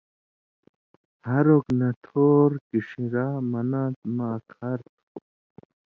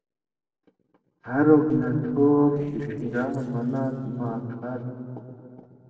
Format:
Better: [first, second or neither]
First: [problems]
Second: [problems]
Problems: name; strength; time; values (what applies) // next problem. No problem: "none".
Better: first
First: none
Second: noise reduction (neural separator model SepFormer DNS4)